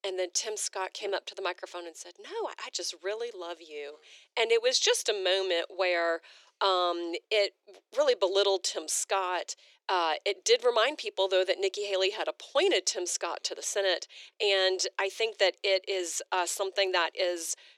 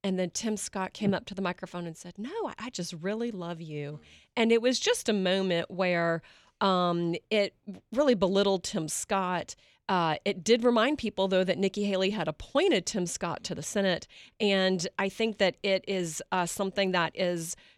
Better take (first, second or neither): second